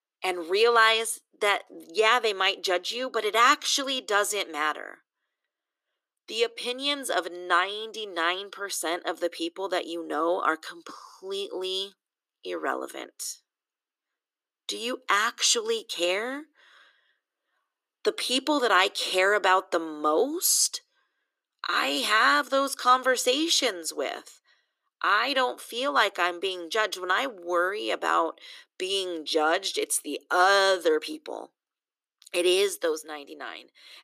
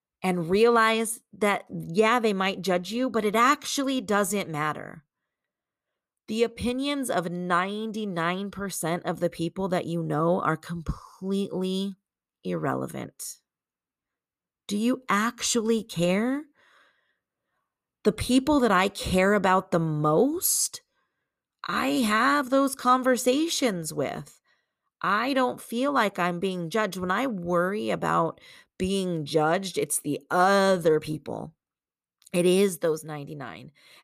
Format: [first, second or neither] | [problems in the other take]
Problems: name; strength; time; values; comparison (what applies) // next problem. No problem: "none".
second | thin; somewhat; fading below 300 Hz